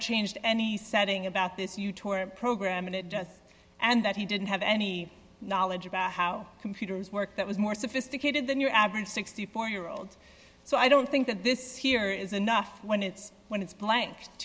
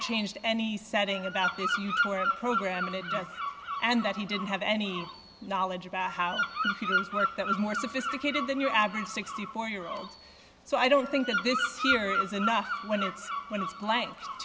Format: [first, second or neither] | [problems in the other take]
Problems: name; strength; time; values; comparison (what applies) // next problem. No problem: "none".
first | background sound (Bird vocalization, bird call, bird song); 3 dB below the speech